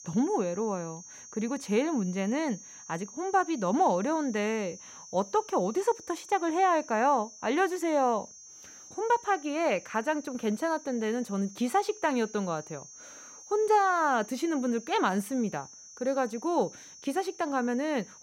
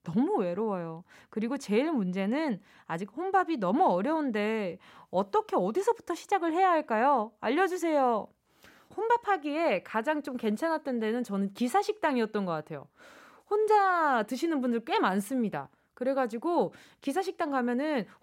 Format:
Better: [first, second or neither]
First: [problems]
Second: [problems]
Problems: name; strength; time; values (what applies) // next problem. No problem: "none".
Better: second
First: high-pitched whine; noticeable; throughout; 6.5 kHz, 15 dB below the speech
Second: none